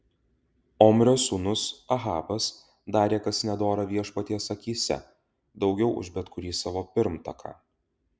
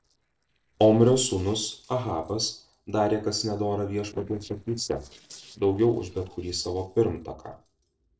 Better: first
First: none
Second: noise reduction (neural separator model SepFormer DNS4)

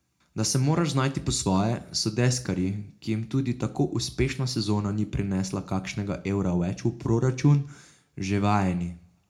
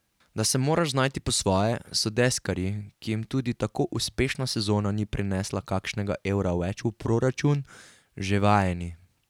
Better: second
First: room echo; dies away in 0.3 s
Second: none

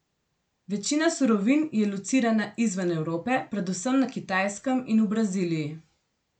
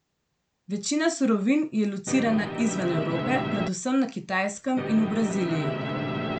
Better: first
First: none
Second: background sound (Musical instrument); 4 dB below the speech

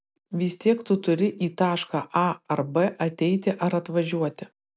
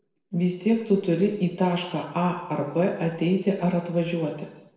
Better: first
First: none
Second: room echo; dies away in 0.9 s

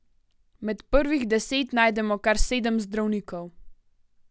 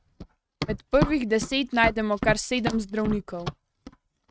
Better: first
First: none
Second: noise reduction (neural mask model RNNoise)

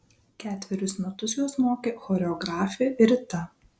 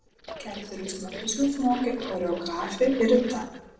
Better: first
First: none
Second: noise reduction (neural separator model SepFormer DNS4)

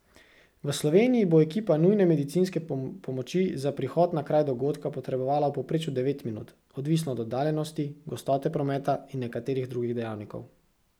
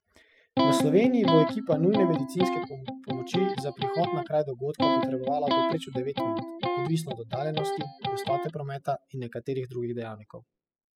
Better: first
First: none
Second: noise reduction (classical method spectral subtraction)

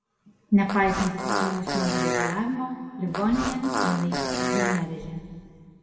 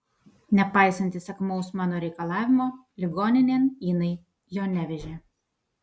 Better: second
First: background sound (Fart); 1 dB below the speech // room echo; dies away in 1.9 s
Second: none

